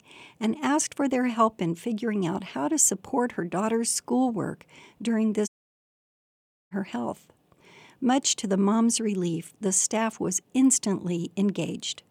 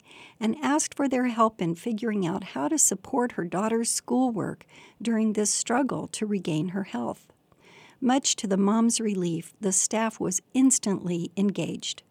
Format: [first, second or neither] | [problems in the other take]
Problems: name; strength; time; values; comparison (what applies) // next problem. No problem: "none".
second | audio cutting out; at 5.5 s for 1 s